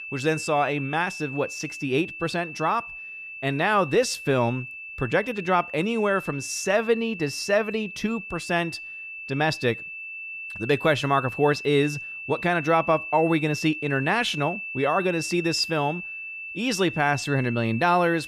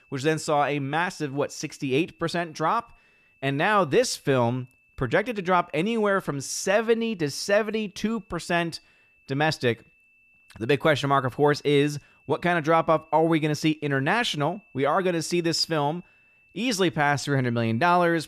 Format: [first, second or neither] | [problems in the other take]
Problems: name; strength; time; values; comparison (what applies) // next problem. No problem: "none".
second | high-pitched whine; loud; throughout; 2.5 kHz, 9 dB below the speech; faint in the second